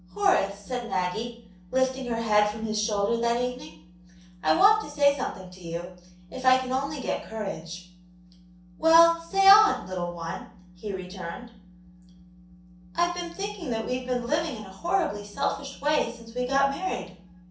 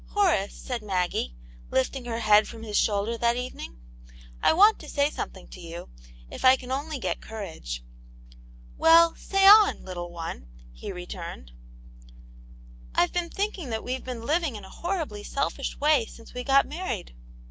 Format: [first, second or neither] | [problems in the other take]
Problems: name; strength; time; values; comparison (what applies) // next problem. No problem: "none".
second | room echo; dies away in 0.6 s